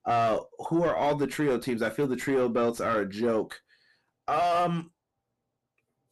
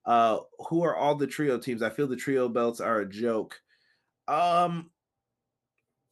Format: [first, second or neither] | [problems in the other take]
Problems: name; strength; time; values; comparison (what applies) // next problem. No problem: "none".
second | distortion; slight; 10 dB below the speech